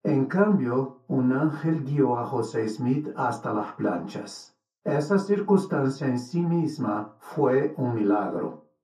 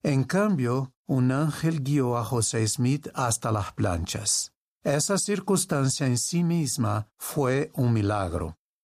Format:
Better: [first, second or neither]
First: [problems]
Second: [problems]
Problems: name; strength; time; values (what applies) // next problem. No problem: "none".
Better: second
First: room echo; slight; dies away in 0.3 s // off-mic speech; far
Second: none